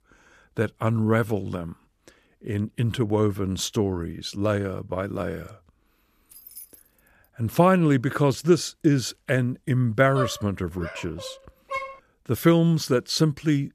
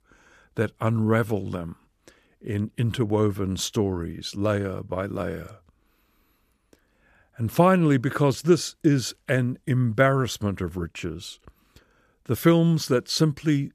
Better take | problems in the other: second | jangling keys; faint; at 6.5 s; peak 15 dB below the speech // dog barking; noticeable; from 10 to 12 s; peak 8 dB below the speech

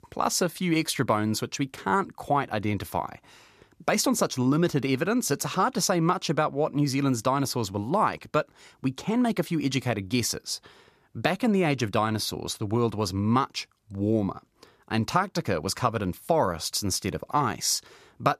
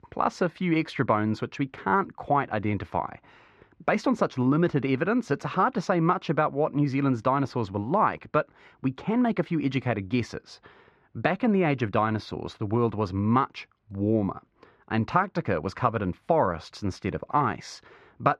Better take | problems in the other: first | muffled; very; fading above 2 kHz

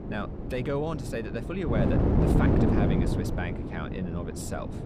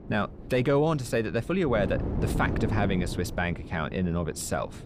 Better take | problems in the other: second | wind noise on the microphone; heavy; 2 dB above the speech; occasional gusts in the second

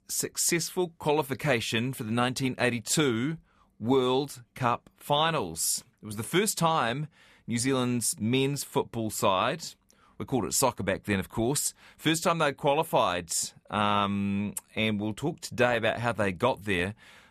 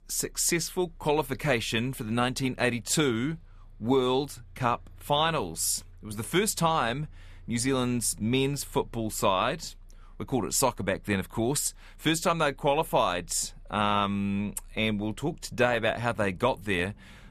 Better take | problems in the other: first | traffic noise; faint; throughout; 25 dB below the speech

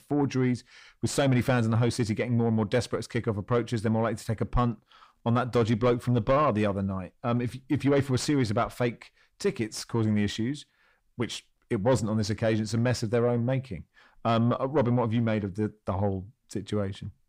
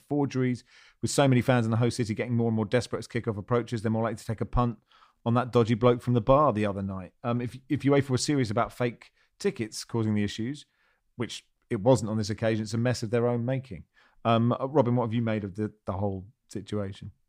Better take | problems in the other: second | distortion; slight; 10 dB below the speech

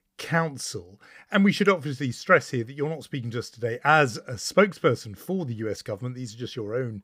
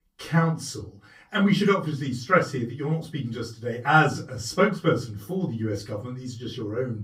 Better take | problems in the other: first | off-mic speech; far // room echo; very slight; dies away in 0.2 s

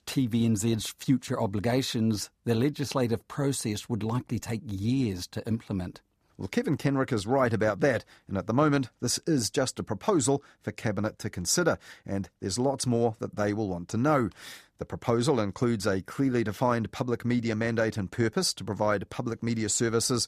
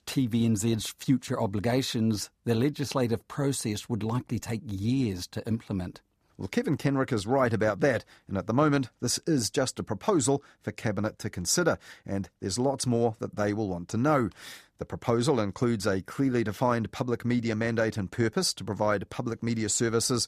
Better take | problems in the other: neither | none

